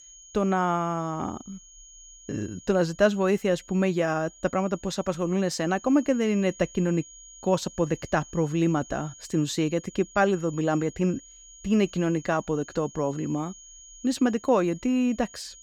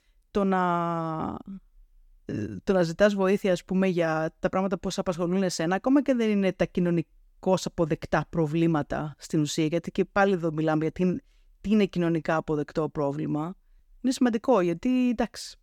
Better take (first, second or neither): second